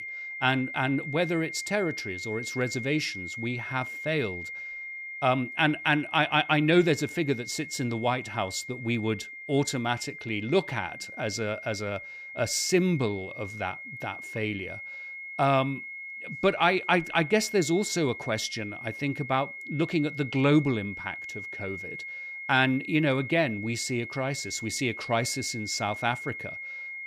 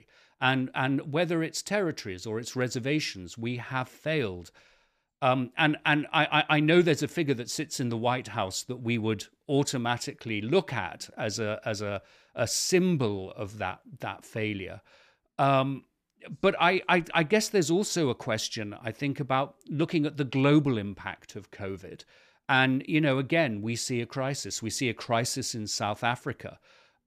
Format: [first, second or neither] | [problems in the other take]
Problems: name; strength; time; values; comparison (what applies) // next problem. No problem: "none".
second | high-pitched whine; loud; throughout; 2 kHz, 9 dB below the speech